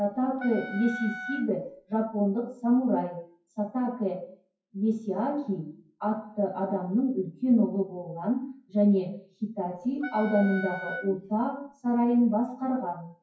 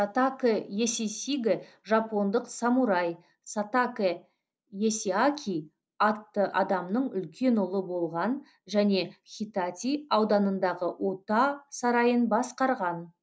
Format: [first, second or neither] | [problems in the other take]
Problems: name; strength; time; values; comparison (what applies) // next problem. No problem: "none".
second | noise reduction (classical method WPE with log-MMSE)